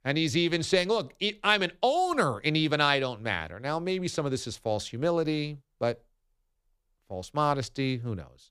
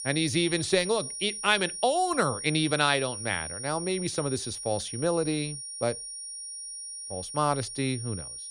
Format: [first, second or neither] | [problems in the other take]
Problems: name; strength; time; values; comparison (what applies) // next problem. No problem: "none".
first | high-pitched whine; loud; throughout; 9.5 kHz, 7 dB below the speech